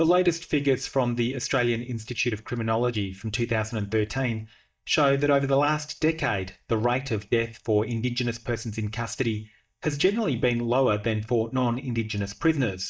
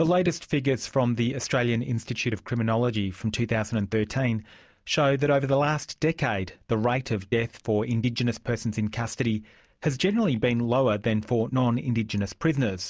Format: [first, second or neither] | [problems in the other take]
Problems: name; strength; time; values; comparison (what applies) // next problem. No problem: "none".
second | noise reduction (neural mask model DeepFilterNet 3)